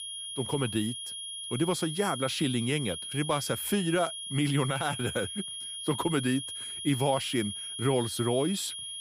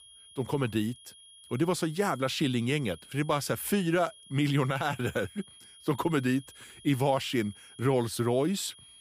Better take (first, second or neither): second